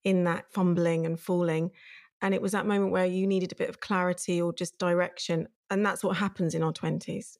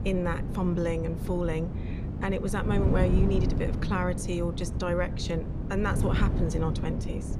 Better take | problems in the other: first | wind noise on the microphone; heavy; 7 dB below the speech

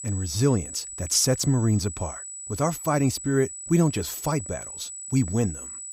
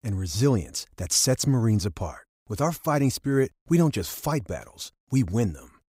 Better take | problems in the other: second | high-pitched whine; loud; throughout; 8 kHz, 10 dB below the speech

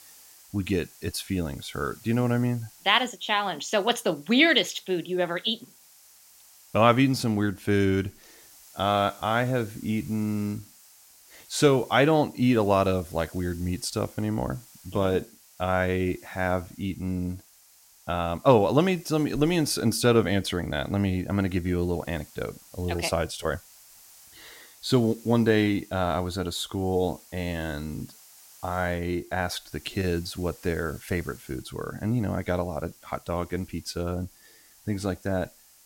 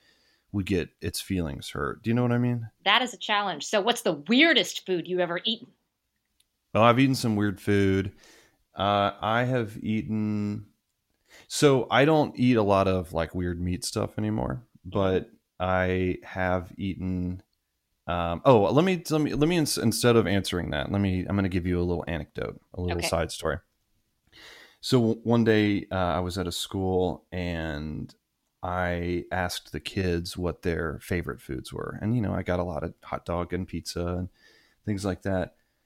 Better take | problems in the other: second | hiss; faint; throughout; 25 dB below the speech

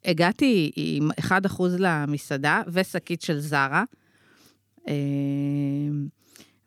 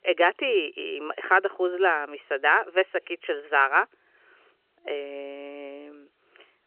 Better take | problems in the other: first | phone-call audio; nothing above 3 kHz

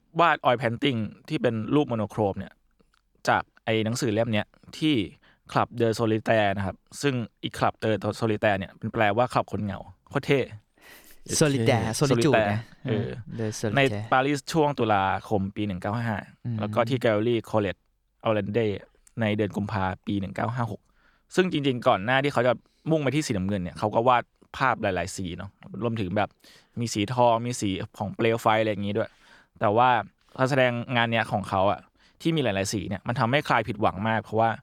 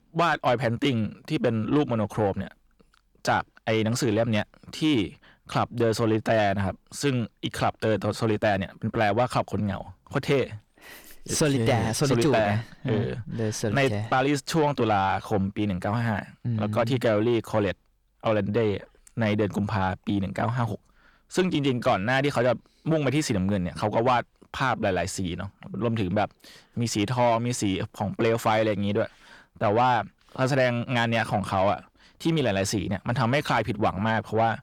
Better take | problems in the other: first | distortion; slight; 10 dB below the speech

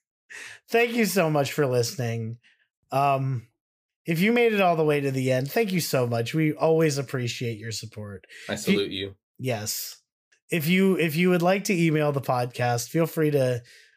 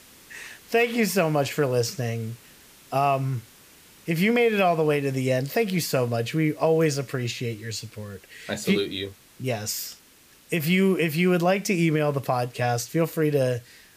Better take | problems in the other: first | hiss; faint; throughout; 25 dB below the speech

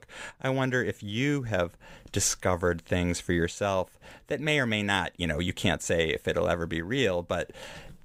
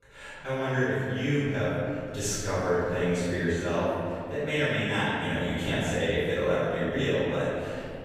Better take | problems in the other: first | room echo; strong; dies away in 2.3 s // off-mic speech; far

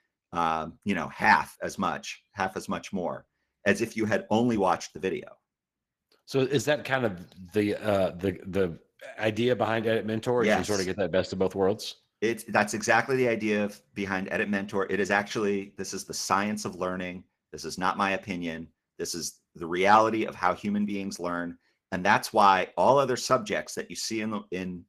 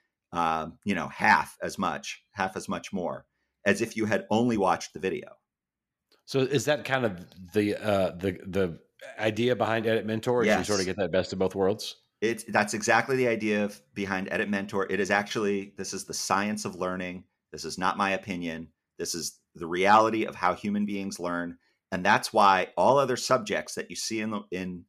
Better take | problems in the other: second | garbled, watery; slightly; nothing above 14.5 kHz

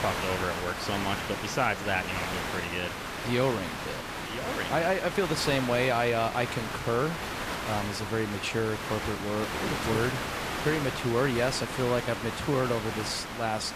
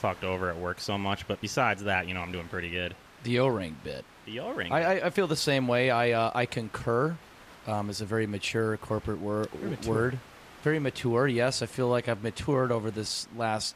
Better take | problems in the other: second | hiss; loud; throughout; 4 dB below the speech; faint in the second

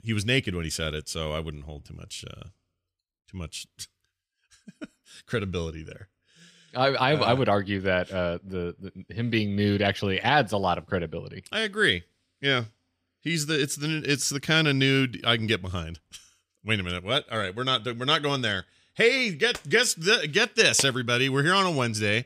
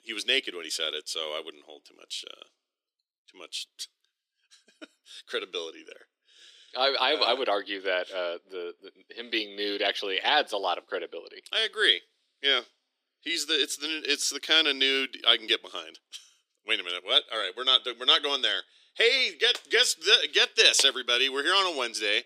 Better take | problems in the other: first | thin; very; fading below 300 Hz

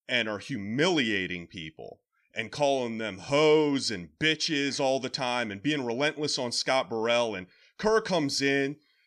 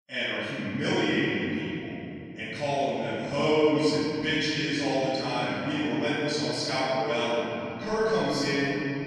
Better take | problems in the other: first | room echo; strong; dies away in 3 s // off-mic speech; far

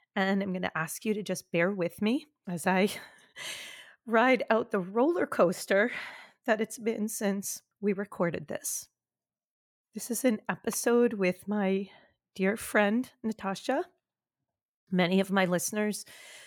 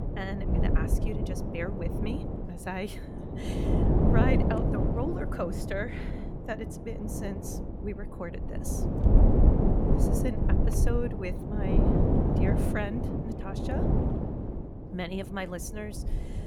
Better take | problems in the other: first | wind noise on the microphone; heavy; 2 dB above the speech

